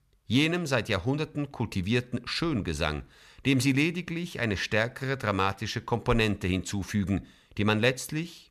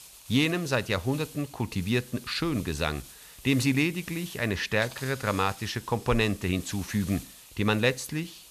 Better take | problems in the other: first | hiss; noticeable; throughout; 15 dB below the speech

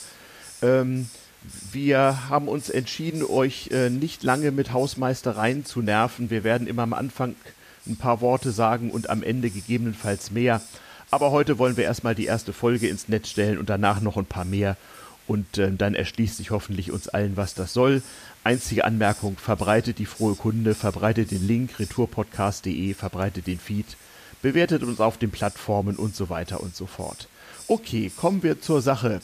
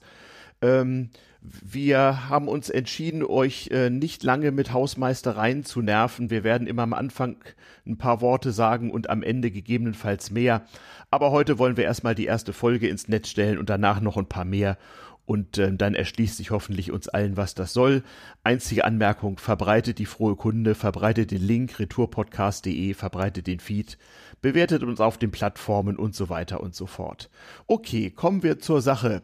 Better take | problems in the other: second | hiss; noticeable; throughout; 20 dB below the speech

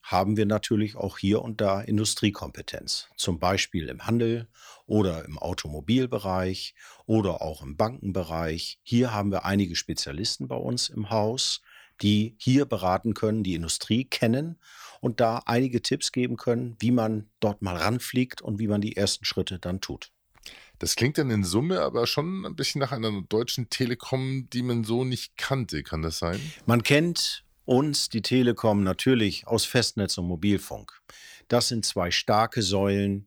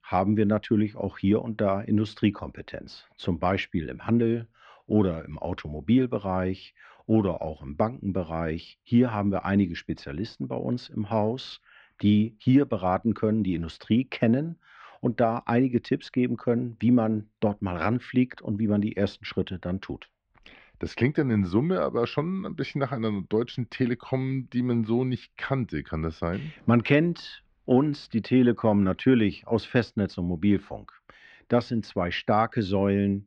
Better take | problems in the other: first | muffled; very; fading above 2.5 kHz

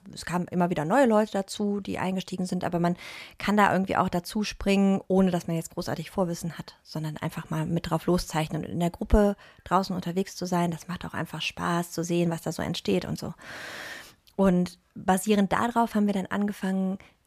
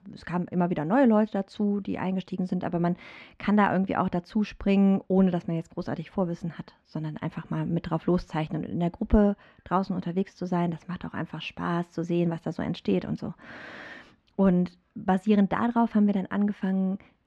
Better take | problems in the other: first | muffled; slightly; fading above 3 kHz

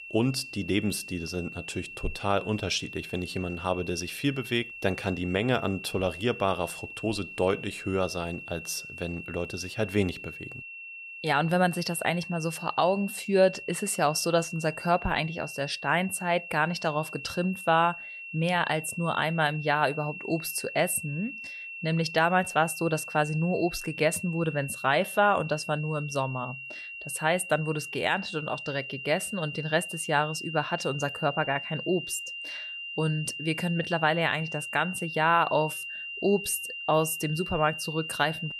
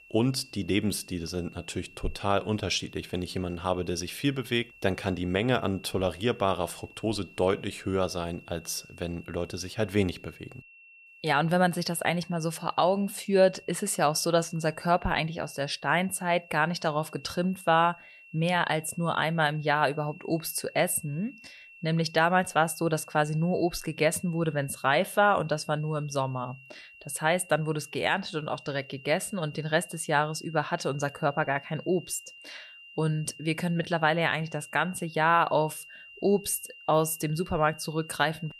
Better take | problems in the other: second | high-pitched whine; loud; throughout; 2.5 kHz, 9 dB below the speech; faint in the second

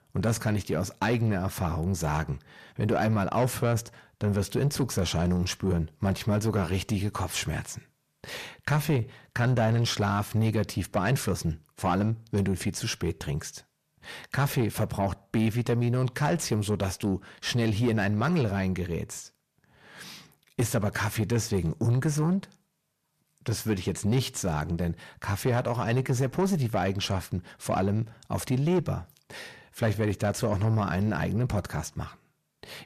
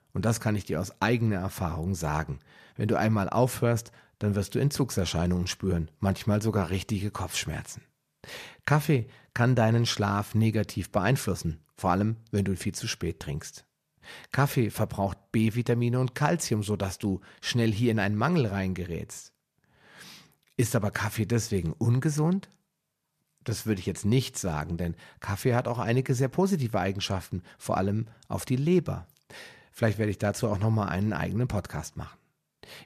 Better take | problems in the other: second | distortion; slight; 10 dB below the speech

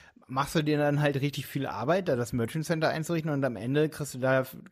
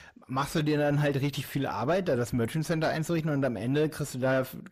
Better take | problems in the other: first | distortion; slight; 10 dB below the speech

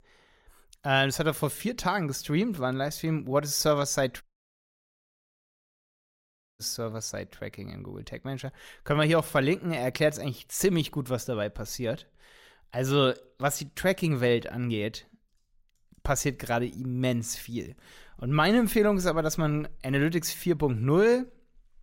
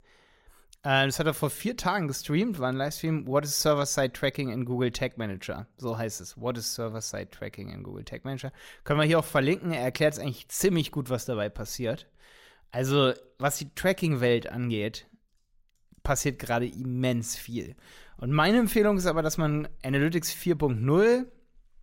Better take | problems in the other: second | audio cutting out; at 4 s for 2.5 s

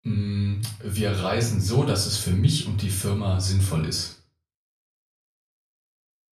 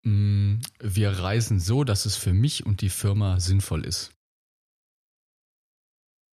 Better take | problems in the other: second | off-mic speech; far // room echo; slight; dies away in 0.3 s

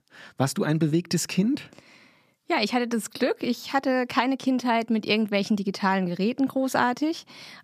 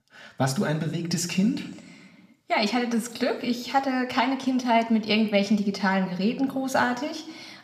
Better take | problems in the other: first | room echo; very slight; dies away in 0.8 s

